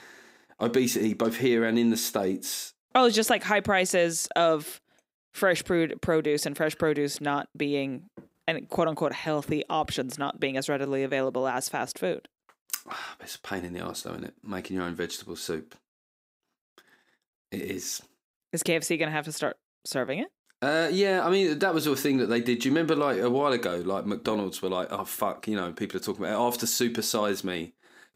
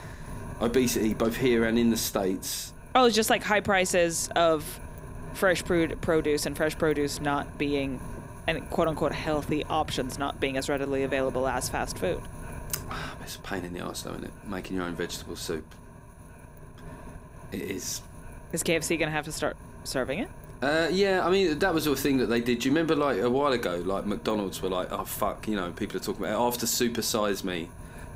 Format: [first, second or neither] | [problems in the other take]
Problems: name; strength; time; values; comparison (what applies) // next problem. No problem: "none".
first | wind noise on the microphone; occasional gusts; 20 dB below the speech